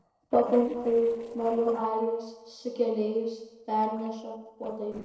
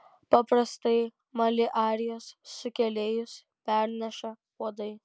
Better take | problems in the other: second | noise reduction (neural separator model SepFormer DNS4)

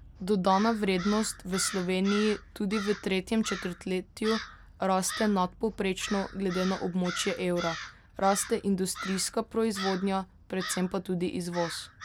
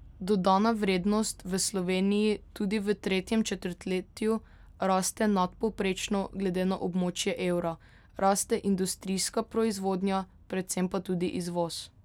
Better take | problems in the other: second | background sound (Crow); 12 dB below the speech

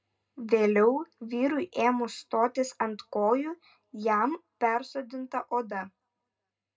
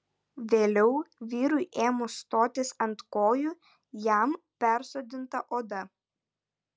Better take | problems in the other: second | room echo; dies away in 0.2 s

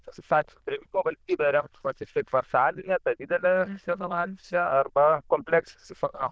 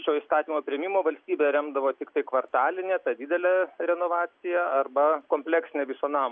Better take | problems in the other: second | noise reduction (neural diffusion model UNIVERSE++)

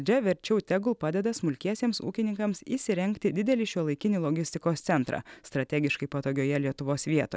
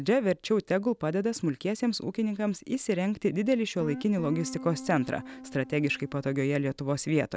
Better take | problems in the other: first | background sound (Guitar); 13 dB below the speech

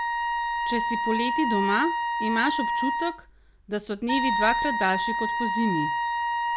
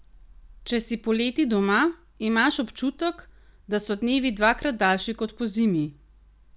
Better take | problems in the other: second | background sound (Wind instrument, woodwind instrument); 2 dB above the speech

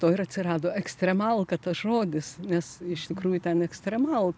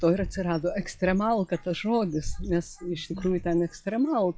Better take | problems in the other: first | noise reduction (classical method log-MMSE)

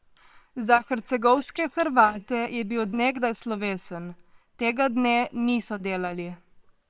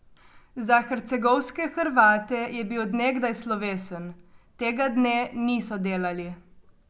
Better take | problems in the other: second | noise reduction (neural separator model SepFormer WHAM!)

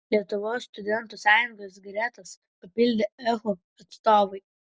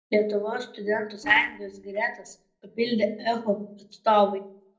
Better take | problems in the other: first | noise reduction (neural separator model SepFormer DNS4)

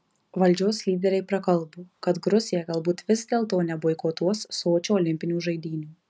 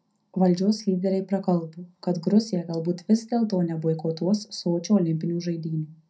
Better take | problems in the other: first | room echo; dies away in 0.2 s

